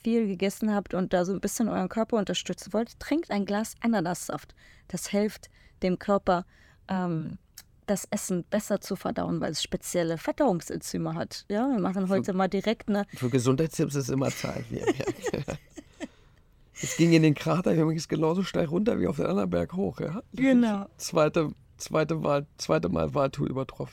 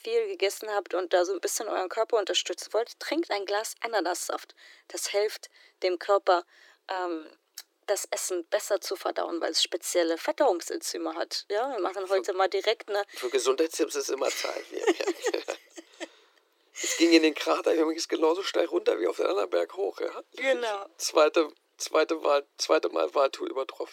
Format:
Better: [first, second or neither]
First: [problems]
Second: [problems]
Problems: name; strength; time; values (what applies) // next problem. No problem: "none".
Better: first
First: none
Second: thin; very; fading below 350 Hz